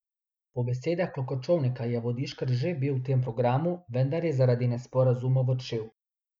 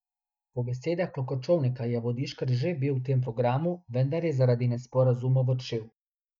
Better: first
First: none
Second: noise reduction (neural mask model DeepFilterNet 3)

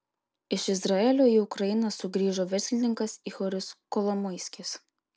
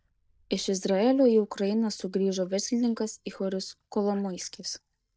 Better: first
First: none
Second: noise reduction (neural mask model DeepFilterNet 3)

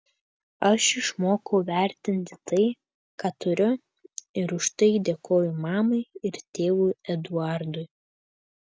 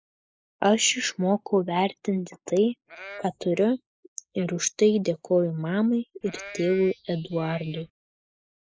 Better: first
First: none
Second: noise reduction (neural mask model Resemble Enhance denoiser)

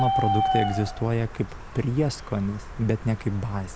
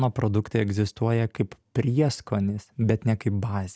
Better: second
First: background sound (Bird); 3 dB below the speech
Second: none

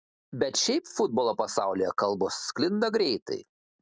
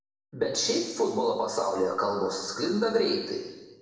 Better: first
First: none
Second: room echo; dies away in 1.2 s

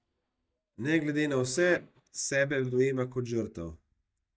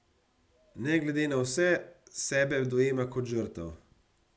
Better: second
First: noise reduction (neural mask model DeepFilterNet 3)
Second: none

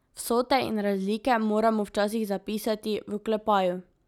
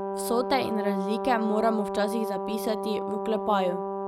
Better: first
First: none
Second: background sound (Brass instrument); 3 dB below the speech

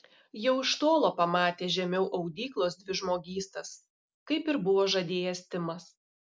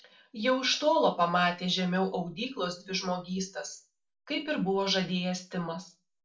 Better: first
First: none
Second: room echo; dies away in 0.3 s

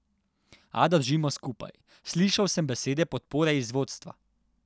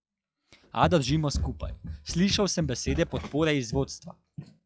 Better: first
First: none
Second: noise reduction (classical method log-MMSE)

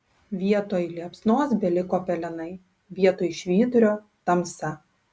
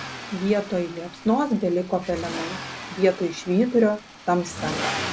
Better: first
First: none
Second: background sound (Accelerating, revving, vroom); 10 dB below the speech

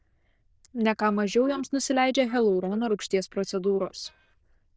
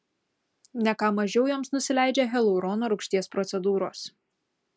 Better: second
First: noise reduction (neural diffusion model UNIVERSE++)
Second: none

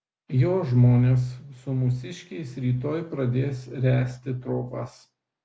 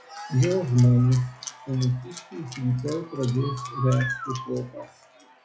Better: first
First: none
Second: noise reduction (classical method log-MMSE)

